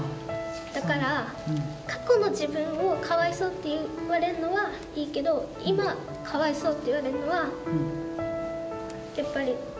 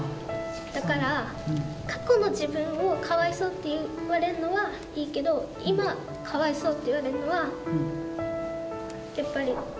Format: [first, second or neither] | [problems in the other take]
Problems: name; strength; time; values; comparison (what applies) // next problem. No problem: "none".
first | background sound (Thunder); 18 dB below the speech